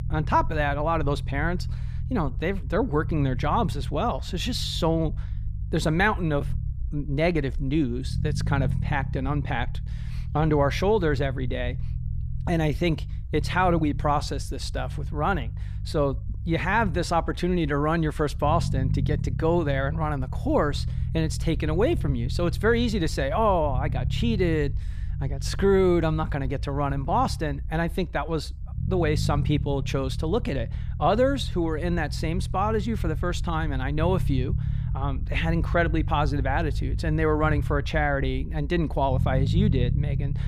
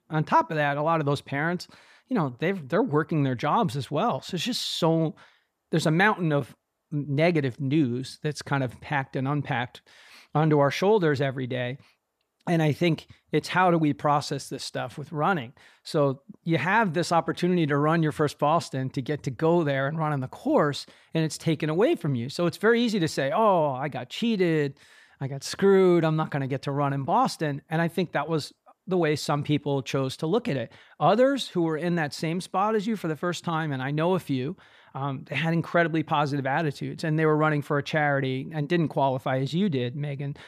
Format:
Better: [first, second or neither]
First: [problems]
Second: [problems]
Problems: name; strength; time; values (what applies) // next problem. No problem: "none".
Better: second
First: low rumble; noticeable; throughout; 20 dB below the speech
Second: none